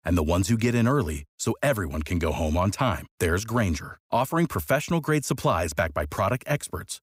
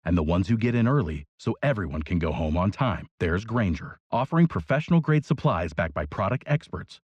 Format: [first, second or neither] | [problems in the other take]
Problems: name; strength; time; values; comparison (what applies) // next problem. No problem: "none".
first | muffled; slightly; fading above 4 kHz